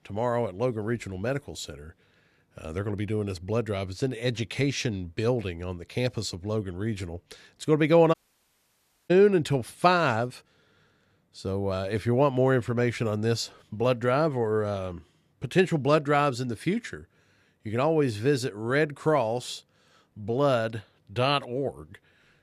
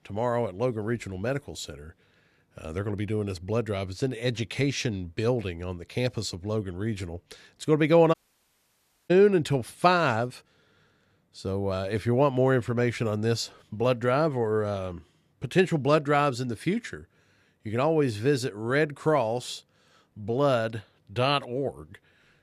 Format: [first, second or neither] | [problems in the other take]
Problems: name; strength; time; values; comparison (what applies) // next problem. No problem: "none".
neither | audio cutting out; at 8 s for 1 s; the same in both